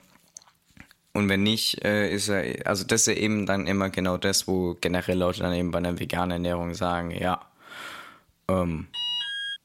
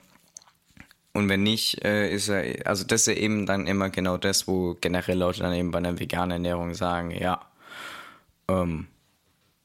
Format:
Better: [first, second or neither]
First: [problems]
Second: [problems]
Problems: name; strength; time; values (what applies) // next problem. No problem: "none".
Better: second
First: alarm; noticeable; at 9 s; peak 1 dB below the speech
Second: none